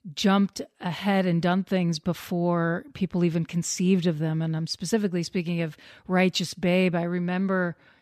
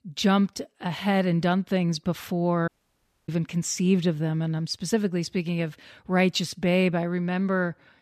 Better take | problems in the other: first | audio cutting out; at 2.5 s for 0.5 s

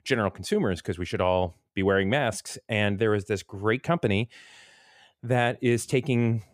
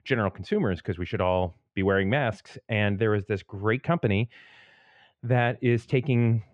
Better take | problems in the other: first | muffled; slightly; fading above 2.5 kHz

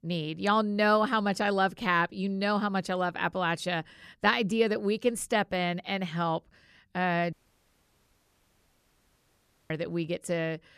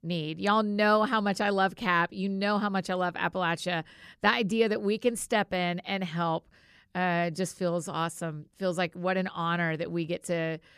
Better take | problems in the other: second | audio cutting out; at 7.5 s for 2.5 s

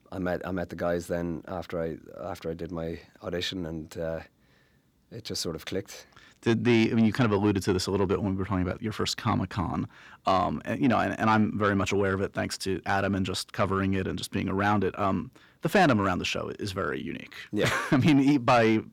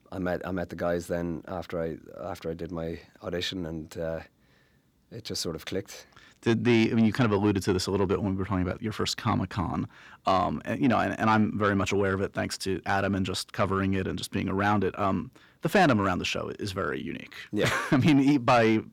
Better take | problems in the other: neither | distortion; slight; 10 dB below the speech; the same in both

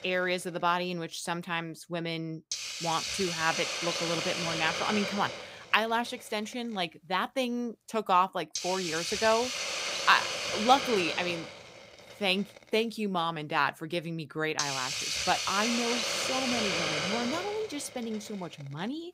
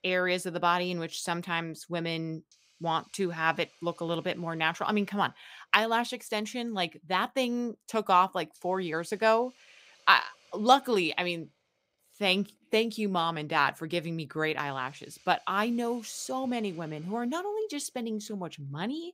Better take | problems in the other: second | hiss; loud; throughout; 1 dB below the speech; faint in the second

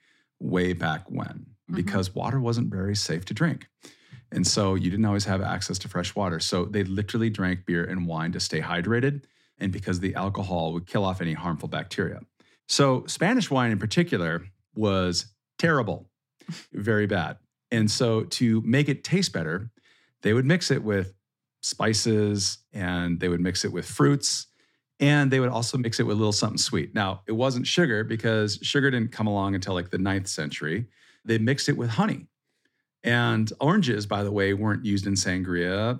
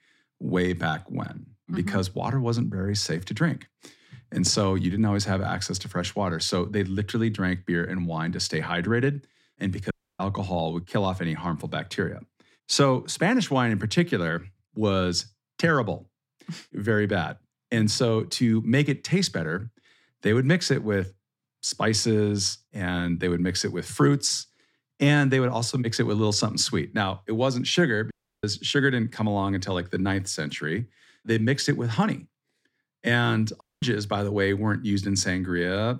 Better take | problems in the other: first | audio cutting out; at 10 s, at 28 s and at 34 s

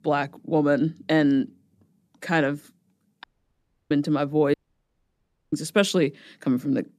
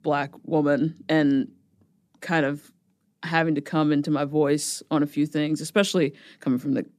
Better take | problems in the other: second | audio cutting out; at 3 s for 0.5 s and at 4.5 s for 1 s

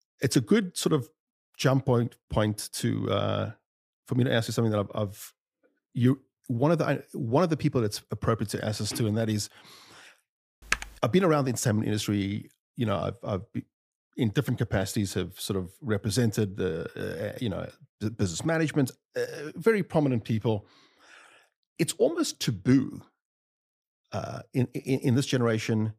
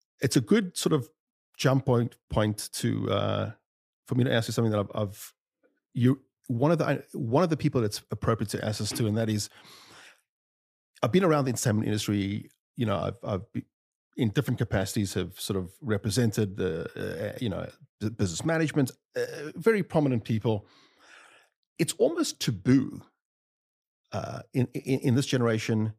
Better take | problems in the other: second | keyboard typing; noticeable; at 11 s; peak 3 dB below the speech

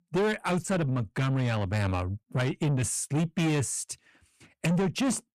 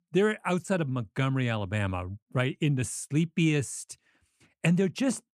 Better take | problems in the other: second | distortion; heavy; 8 dB below the speech

